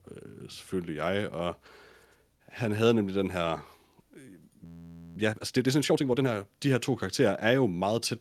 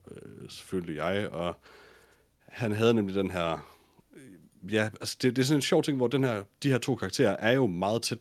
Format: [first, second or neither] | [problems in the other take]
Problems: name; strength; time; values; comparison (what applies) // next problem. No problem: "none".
second | audio freezing; at 4.5 s for 0.5 s